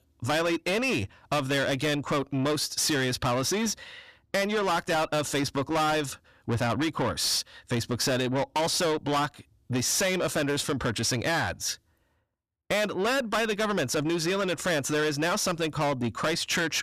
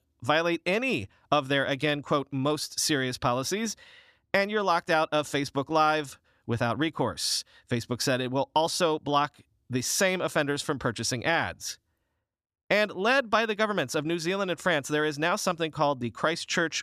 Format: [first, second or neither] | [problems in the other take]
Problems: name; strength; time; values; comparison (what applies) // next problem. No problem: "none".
second | distortion; heavy; 6 dB below the speech